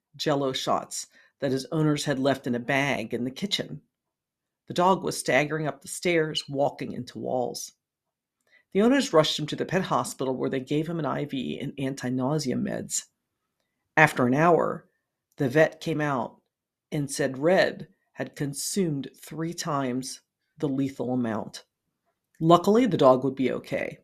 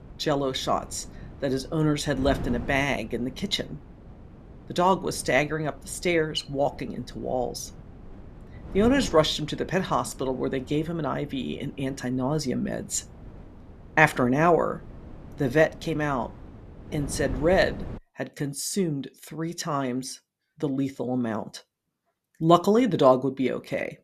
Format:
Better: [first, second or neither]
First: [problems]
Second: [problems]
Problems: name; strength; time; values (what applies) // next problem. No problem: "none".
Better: first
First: none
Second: wind noise on the microphone; occasional gusts; until 18 s; 20 dB below the speech